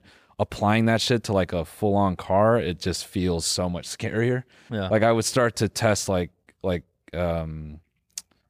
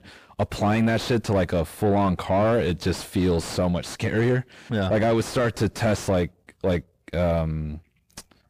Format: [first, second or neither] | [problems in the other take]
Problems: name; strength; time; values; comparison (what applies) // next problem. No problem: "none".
first | distortion; heavy; 6 dB below the speech